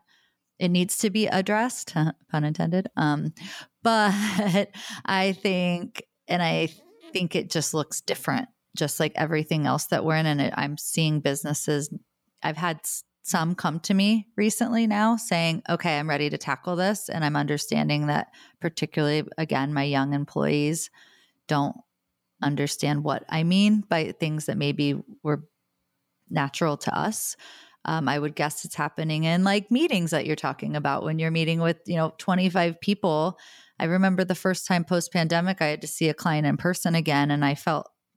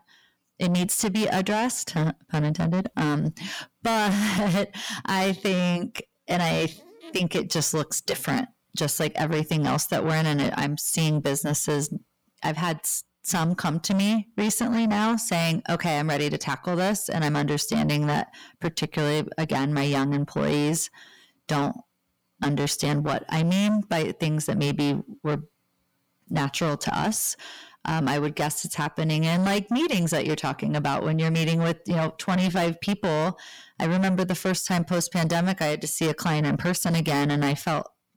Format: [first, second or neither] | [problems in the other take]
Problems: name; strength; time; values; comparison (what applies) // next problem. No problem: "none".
first | distortion; heavy; 8 dB below the speech